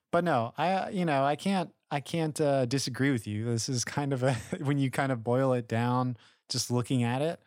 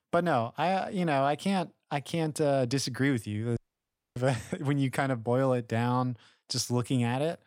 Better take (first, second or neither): first